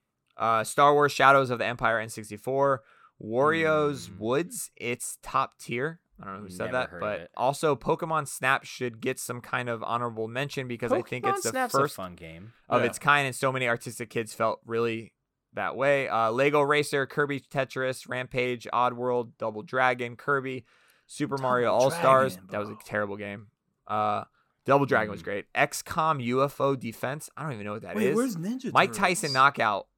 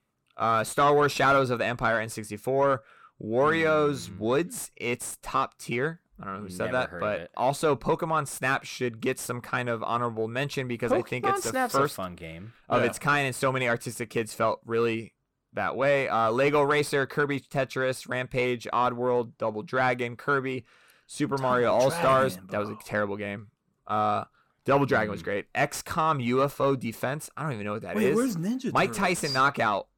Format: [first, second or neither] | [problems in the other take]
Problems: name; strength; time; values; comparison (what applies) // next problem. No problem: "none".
first | distortion; slight; 10 dB below the speech